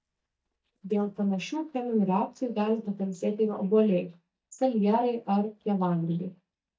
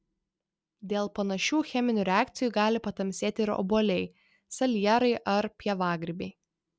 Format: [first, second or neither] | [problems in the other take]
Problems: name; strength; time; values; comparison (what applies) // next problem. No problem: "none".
second | noise reduction (neural mask model DeepFilterNet 3)